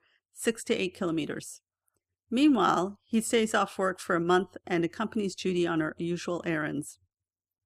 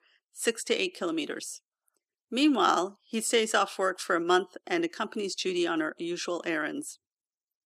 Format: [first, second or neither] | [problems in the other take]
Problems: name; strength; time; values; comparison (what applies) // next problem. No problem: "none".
first | thin; very slightly; fading below 300 Hz